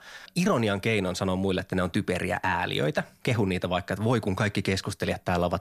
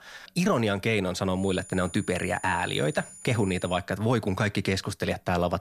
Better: first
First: none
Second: high-pitched whine; noticeable; from 1.5 to 4 s; 9.5 kHz, 15 dB below the speech

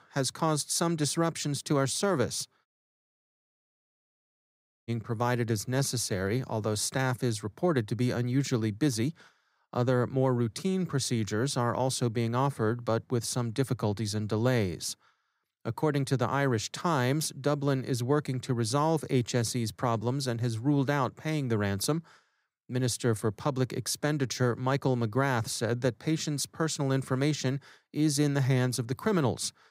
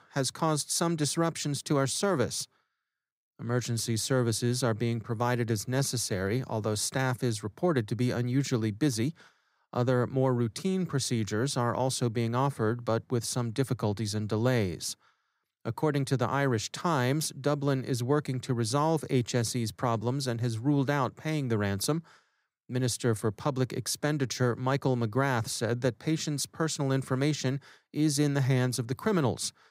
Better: second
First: audio cutting out; at 2.5 s for 2 s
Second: none

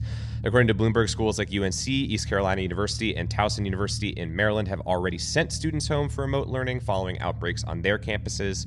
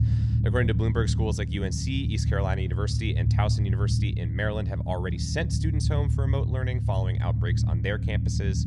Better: first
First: low rumble; faint; throughout; 20 dB below the speech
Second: low rumble; loud; throughout; 6 dB below the speech

